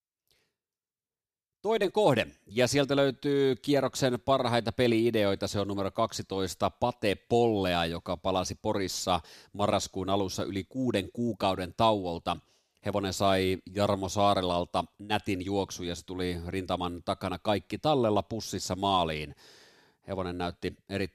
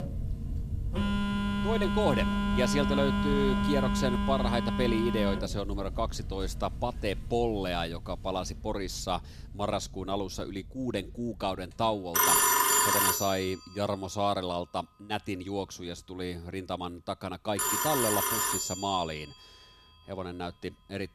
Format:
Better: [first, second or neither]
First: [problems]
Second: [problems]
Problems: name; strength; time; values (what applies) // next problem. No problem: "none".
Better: first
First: none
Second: alarms or sirens; very loud; throughout; 4 dB above the speech